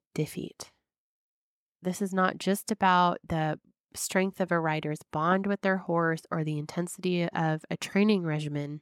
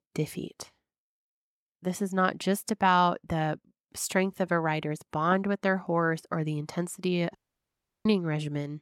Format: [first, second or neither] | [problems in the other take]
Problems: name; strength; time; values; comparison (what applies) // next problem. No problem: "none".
first | audio cutting out; at 7.5 s for 0.5 s